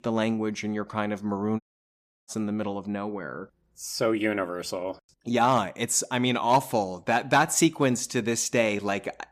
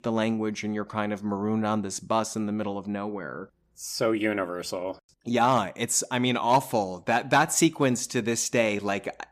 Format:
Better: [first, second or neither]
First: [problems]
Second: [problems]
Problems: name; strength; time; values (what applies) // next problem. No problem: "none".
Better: second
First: audio cutting out; at 1.5 s for 0.5 s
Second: none